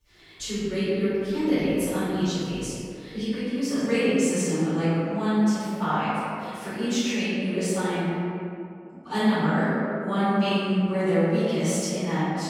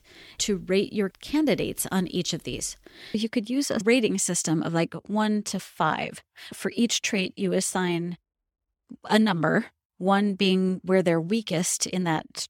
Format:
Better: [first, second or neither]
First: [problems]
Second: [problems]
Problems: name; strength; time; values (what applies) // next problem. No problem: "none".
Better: second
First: off-mic speech; far // room echo; strong; dies away in 2.3 s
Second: none